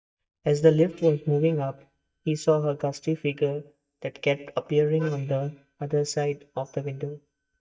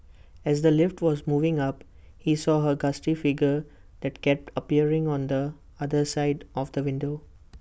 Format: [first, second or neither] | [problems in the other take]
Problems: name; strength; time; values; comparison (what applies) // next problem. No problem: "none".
second | noise reduction (neural mask model DeepFilterNet 3)